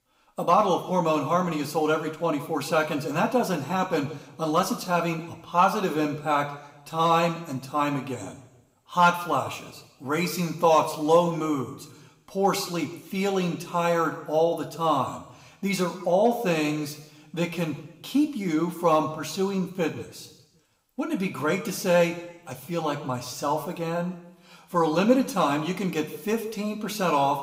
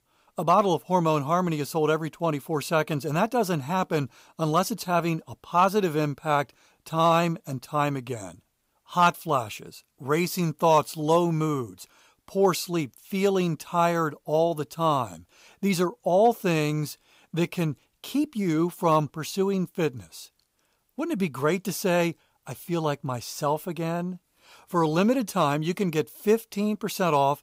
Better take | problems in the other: second | room echo; slight; dies away in 0.8 s // off-mic speech; somewhat distant

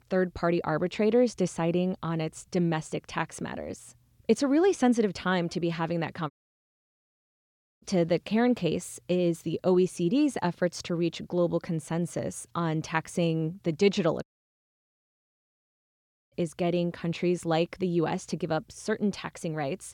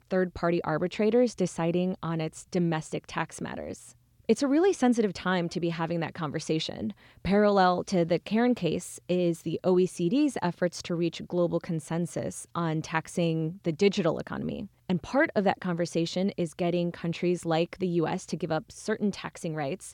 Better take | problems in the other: second | audio cutting out; at 6.5 s for 1.5 s and at 14 s for 2 s

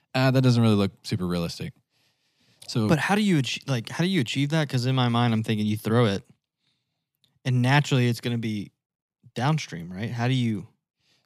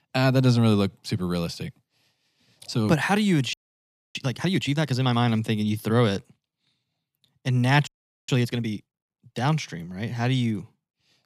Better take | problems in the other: first | audio freezing; at 3.5 s for 0.5 s and at 8 s

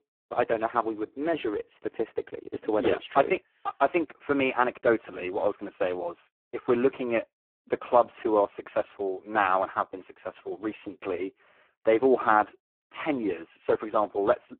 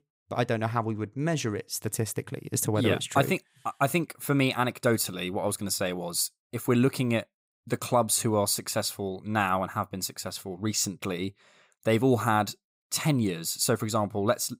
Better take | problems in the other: second | phone-call audio; poor line

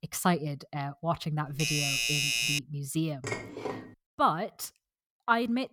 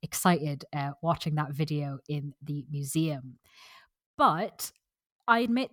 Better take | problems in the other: second | doorbell; loud; at 1.5 s; peak 6 dB above the speech // clattering dishes; noticeable; at 3 s; peak 5 dB below the speech

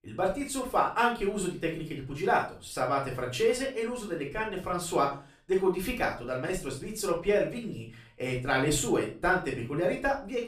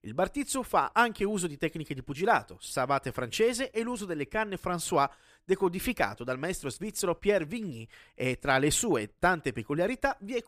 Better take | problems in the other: second | off-mic speech; far // room echo; slight; dies away in 0.3 s

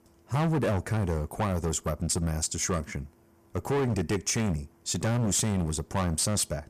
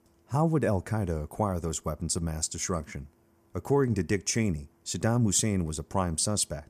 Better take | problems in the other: second | distortion; heavy; 16% of the sound clipped

